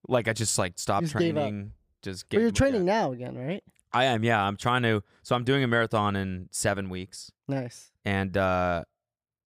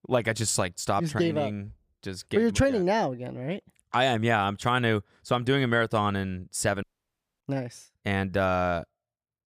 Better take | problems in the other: first | audio cutting out; at 7 s for 0.5 s

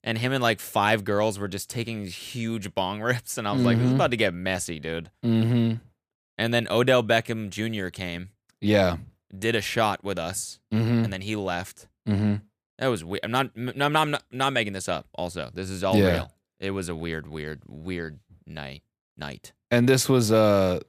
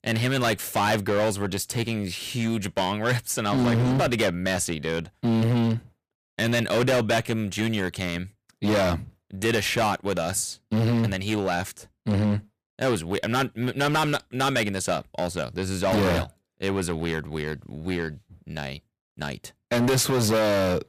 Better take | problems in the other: first | distortion; heavy; 13% of the sound clipped

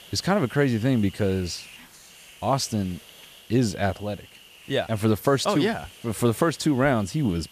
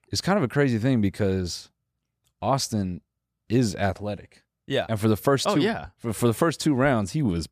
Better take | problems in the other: second | hiss; faint; throughout; 20 dB below the speech

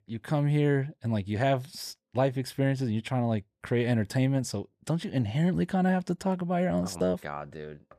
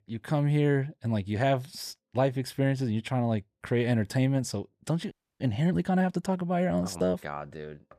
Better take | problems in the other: first | audio freezing; at 5 s

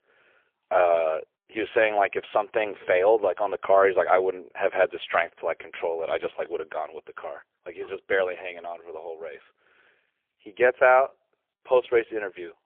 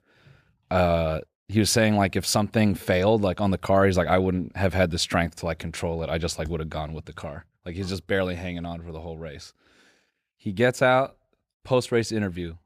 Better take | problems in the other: second | phone-call audio; poor line; nothing above 3.5 kHz

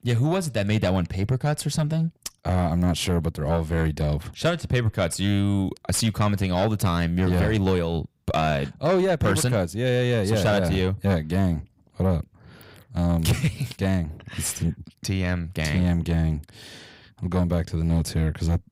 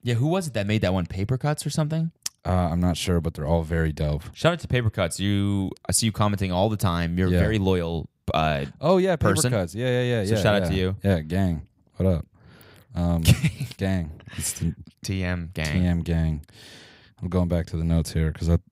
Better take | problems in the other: second | distortion; slight; 10 dB below the speech

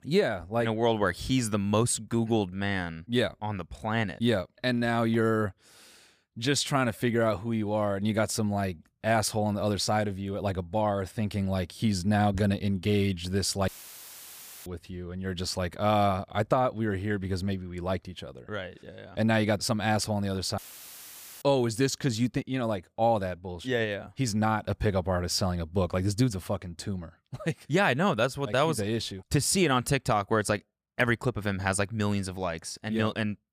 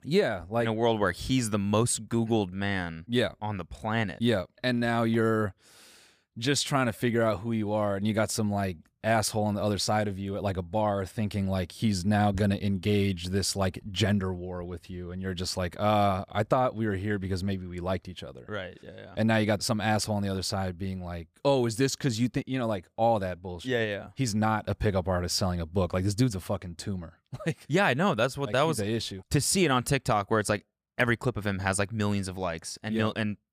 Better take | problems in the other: second | audio cutting out; filled with static; at 14 s for 1 s and at 21 s for 1 s

